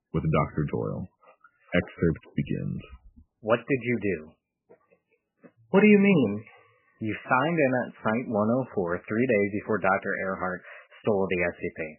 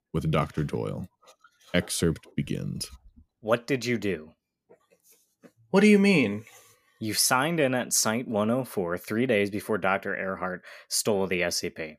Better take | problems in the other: second | garbled, watery; badly; nothing above 3 kHz

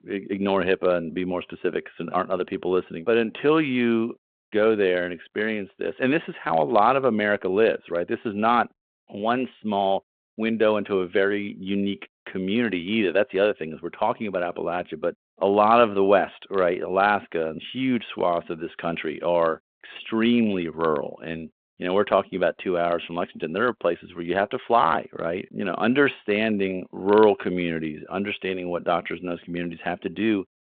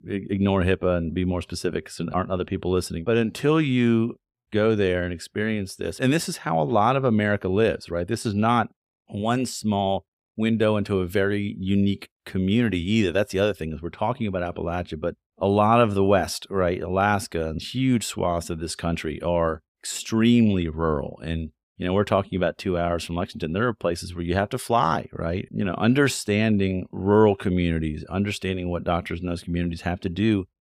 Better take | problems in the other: second | phone-call audio

